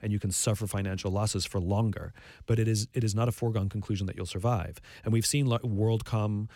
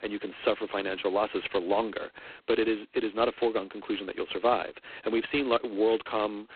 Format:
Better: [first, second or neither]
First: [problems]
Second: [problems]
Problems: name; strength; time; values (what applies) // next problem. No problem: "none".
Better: first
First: none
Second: phone-call audio; poor line; nothing above 4 kHz